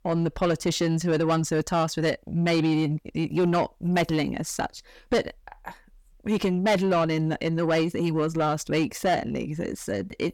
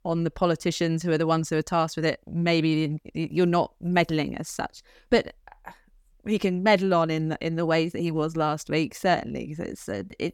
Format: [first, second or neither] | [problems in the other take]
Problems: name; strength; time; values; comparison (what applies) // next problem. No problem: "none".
second | distortion; slight; 10 dB below the speech